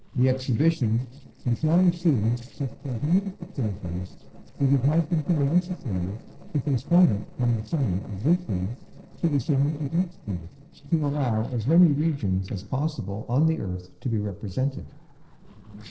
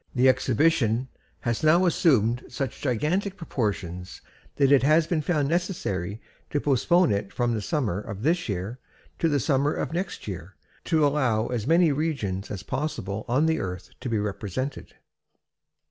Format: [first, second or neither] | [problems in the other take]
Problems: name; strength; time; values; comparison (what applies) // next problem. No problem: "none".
second | noise reduction (neural separator model SepFormer DNS4)